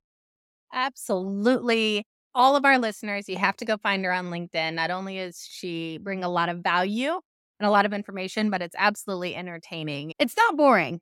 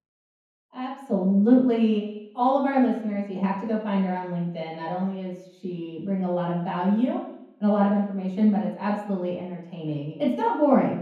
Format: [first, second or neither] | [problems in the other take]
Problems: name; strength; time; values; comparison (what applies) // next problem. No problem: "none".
first | room echo; noticeable; dies away in 0.9 s // off-mic speech; far